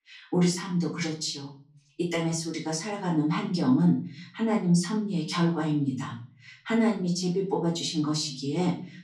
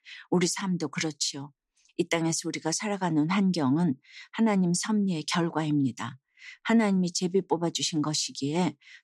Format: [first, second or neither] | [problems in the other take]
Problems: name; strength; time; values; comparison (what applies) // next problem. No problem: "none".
second | room echo; slight; dies away in 0.4 s // off-mic speech; far